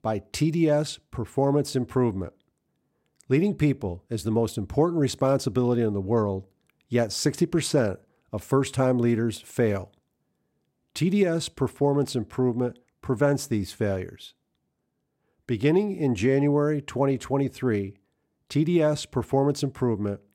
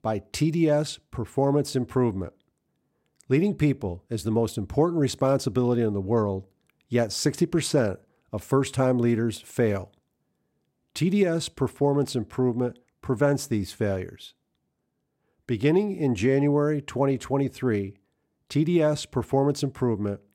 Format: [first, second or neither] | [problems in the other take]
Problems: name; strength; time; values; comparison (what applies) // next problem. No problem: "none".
neither | none